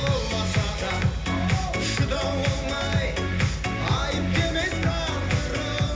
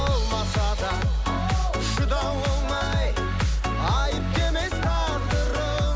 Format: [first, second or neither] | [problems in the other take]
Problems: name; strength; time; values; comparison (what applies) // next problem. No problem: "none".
second | room echo; dies away in 1.4 s